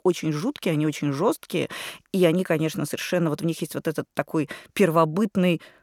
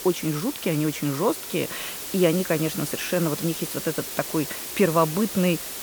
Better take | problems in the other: first | hiss; loud; throughout; 6 dB below the speech

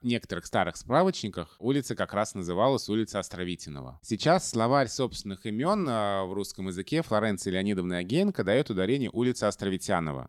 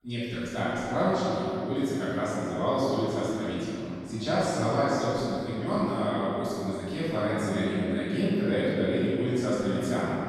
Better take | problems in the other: first | off-mic speech; far // room echo; strong; dies away in 2.7 s

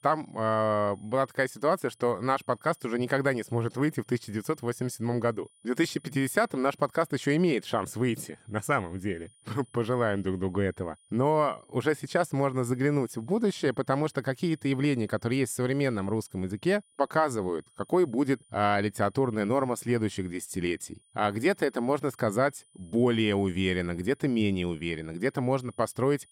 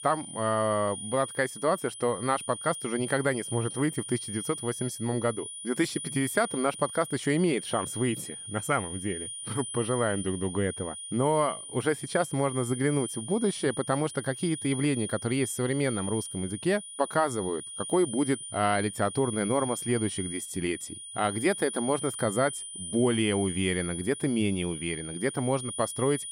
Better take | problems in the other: first | high-pitched whine; loud; throughout; 9.5 kHz, 7 dB below the speech; faint in the first

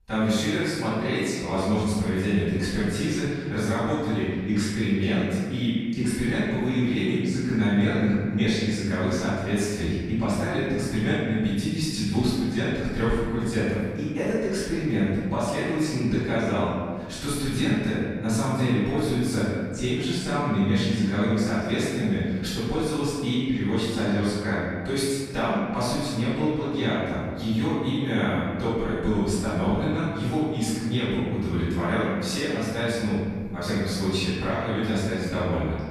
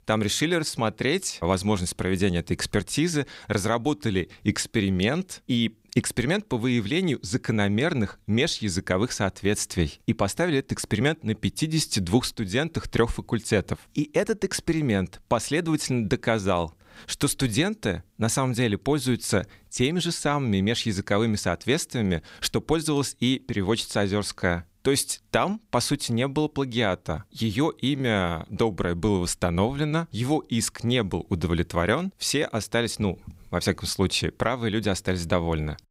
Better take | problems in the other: second | off-mic speech; far // room echo; strong; dies away in 1.7 s

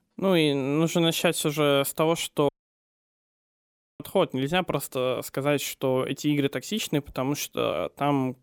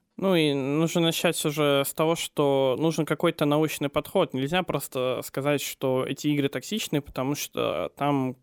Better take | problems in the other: second | audio cutting out; at 2.5 s for 1.5 s

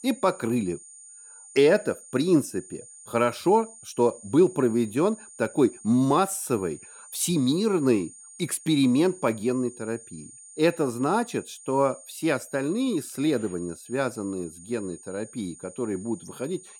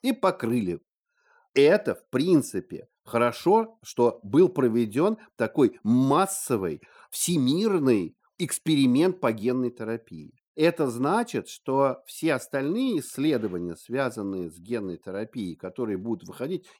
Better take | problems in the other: second | high-pitched whine; noticeable; throughout; 9 kHz, 20 dB below the speech

